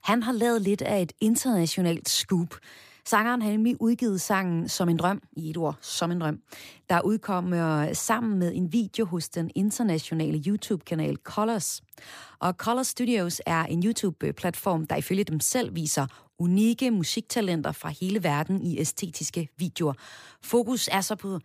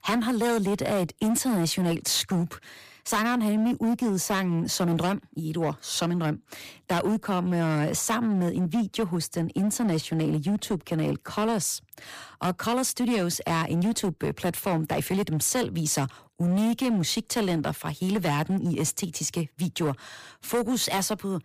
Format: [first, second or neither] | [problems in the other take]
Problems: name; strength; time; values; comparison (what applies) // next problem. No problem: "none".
first | distortion; slight; 15% of the sound clipped